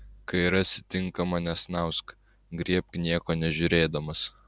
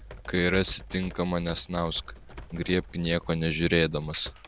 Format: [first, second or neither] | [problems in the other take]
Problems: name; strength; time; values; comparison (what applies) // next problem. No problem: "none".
first | background sound (Computer keyboard); 15 dB below the speech